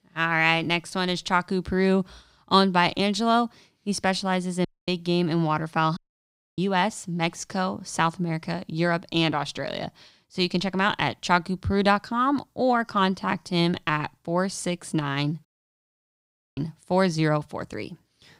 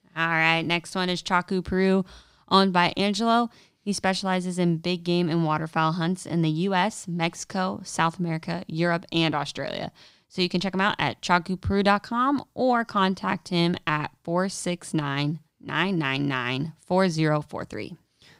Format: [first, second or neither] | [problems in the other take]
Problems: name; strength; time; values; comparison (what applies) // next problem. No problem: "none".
second | audio cutting out; at 4.5 s, at 6 s for 0.5 s and at 15 s for 1 s